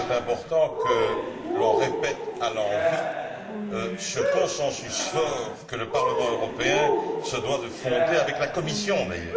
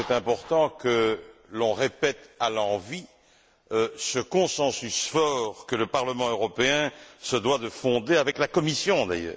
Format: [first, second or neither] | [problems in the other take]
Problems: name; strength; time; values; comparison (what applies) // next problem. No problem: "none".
second | background sound (Cheering); as loud as the speech // room echo; dies away in 0.4 s